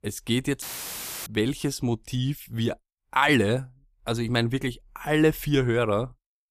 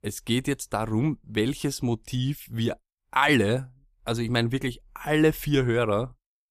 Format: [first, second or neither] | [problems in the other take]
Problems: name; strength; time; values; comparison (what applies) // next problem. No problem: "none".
second | audio cutting out; filled with static; at 0.5 s for 0.5 s